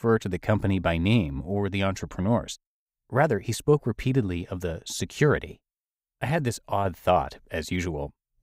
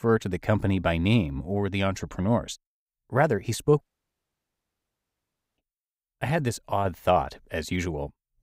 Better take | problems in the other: first | audio cutting out; at 4 s for 2 s

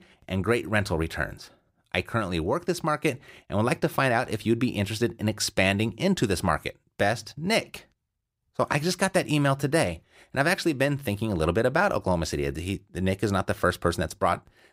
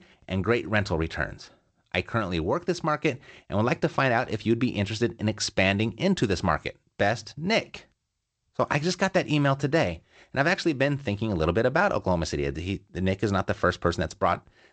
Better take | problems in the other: first | garbled, watery; slightly; nothing above 8 kHz

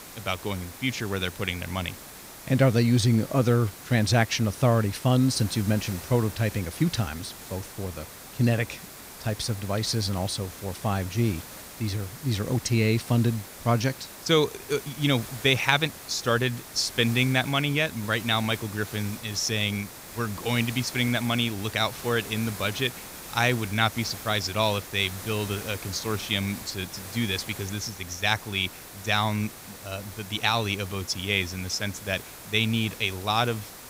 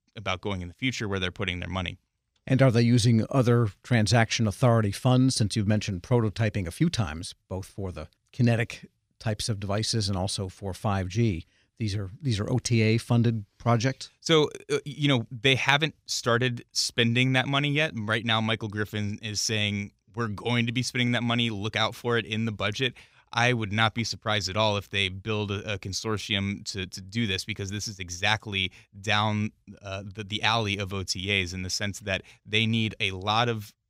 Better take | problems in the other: second | hiss; noticeable; throughout; 15 dB below the speech

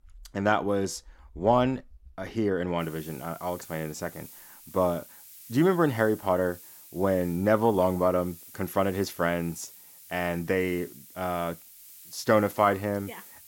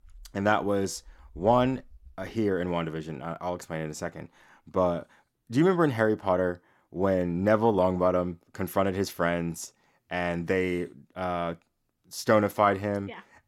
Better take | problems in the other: second | hiss; noticeable; from 3 s on; 20 dB below the speech

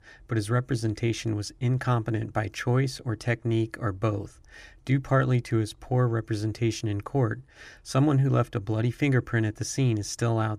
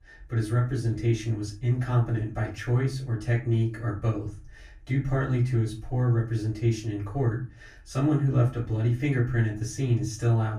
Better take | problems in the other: first | off-mic speech; far // room echo; slight; dies away in 0.3 s

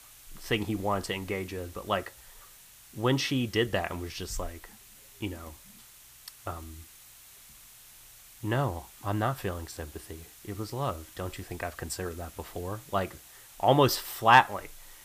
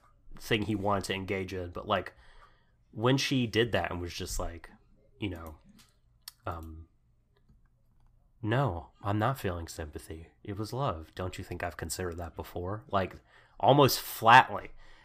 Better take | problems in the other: second | hiss; faint; throughout; 20 dB below the speech

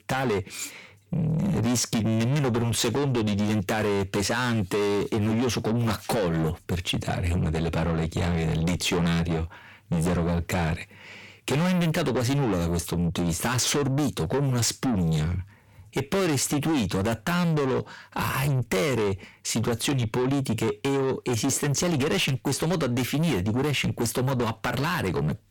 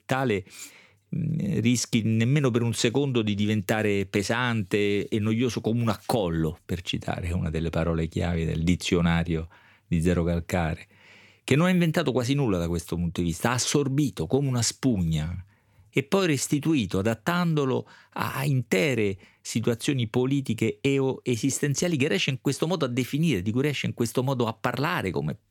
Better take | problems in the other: second | distortion; heavy; 6 dB below the speech

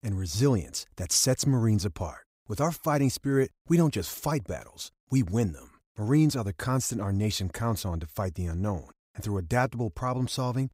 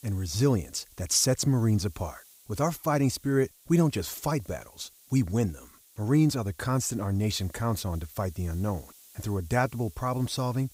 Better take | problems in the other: first | hiss; faint; throughout; 25 dB below the speech

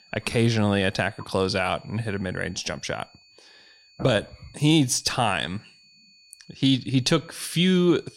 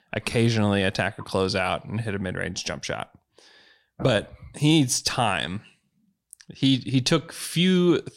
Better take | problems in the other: second | high-pitched whine; faint; throughout; 4.5 kHz, 30 dB below the speech

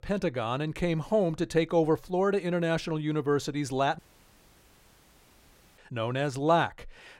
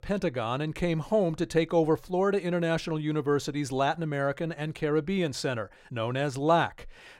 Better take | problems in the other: second | audio cutting out; at 4 s for 2 s

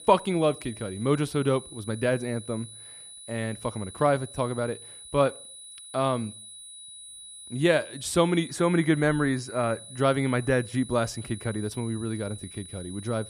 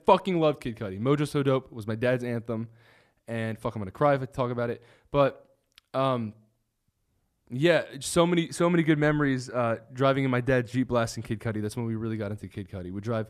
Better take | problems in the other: second | high-pitched whine; noticeable; throughout; 10 kHz, 15 dB below the speech

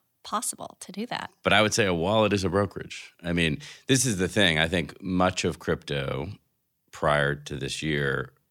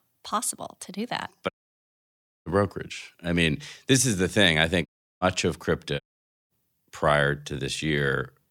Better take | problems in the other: first | audio cutting out; at 1.5 s for 1 s, at 5 s and at 6 s

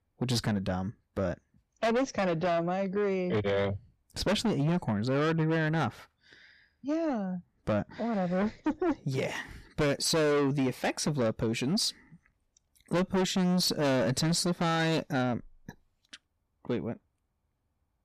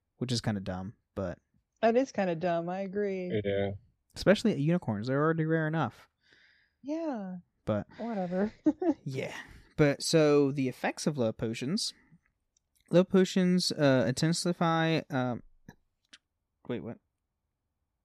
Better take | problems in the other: second | distortion; heavy; 6 dB below the speech

